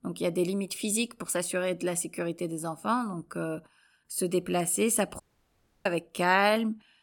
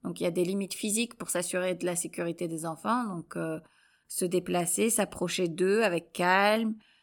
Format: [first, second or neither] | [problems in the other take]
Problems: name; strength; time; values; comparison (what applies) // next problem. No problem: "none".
second | audio cutting out; at 5 s for 0.5 s